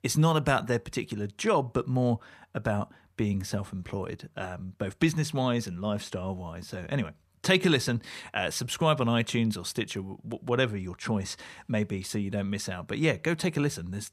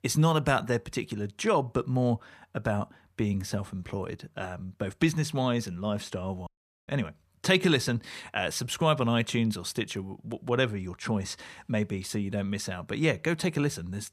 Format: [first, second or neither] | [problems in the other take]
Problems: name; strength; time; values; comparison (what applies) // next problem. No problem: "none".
first | audio cutting out; at 6.5 s